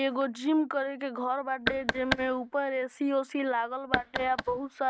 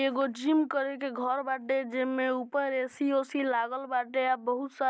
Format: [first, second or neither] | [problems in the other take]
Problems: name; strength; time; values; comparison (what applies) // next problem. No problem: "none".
second | noise reduction (neural mask model RNNoise)